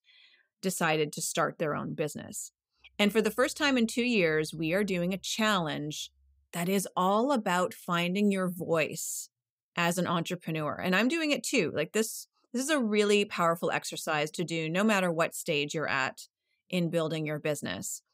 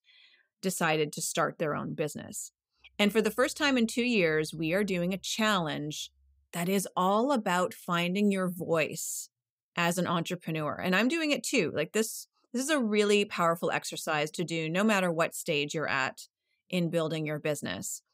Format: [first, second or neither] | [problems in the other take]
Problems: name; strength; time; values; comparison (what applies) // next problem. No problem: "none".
neither | none